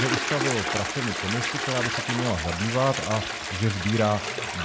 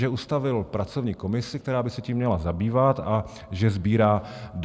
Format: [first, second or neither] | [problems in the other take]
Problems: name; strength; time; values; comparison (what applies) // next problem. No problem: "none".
second | background sound (Toilet flush); 2 dB below the speech